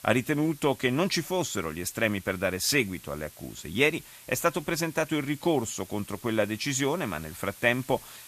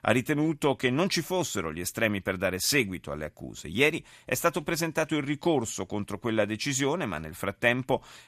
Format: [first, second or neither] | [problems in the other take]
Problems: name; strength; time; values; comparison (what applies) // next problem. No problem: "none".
second | hiss; noticeable; throughout; 20 dB below the speech